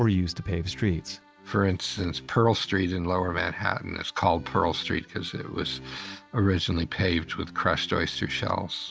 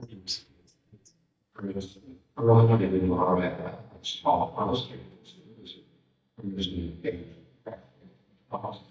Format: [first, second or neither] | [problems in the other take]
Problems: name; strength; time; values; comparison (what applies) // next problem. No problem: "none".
first | noise reduction (neural mask model DeepFilterNet 3)